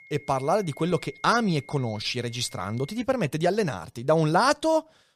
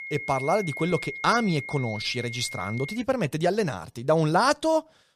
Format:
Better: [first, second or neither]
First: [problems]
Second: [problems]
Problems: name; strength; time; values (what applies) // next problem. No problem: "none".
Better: first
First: high-pitched whine; faint; until 3 s; 2 kHz, 25 dB below the speech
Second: high-pitched whine; loud; until 3 s; 2 kHz, 9 dB below the speech